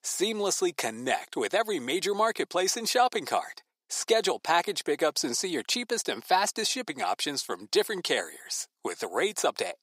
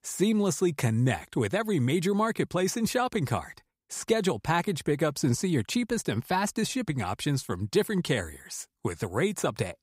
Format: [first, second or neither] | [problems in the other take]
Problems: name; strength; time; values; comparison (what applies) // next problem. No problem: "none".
second | thin; very; fading below 350 Hz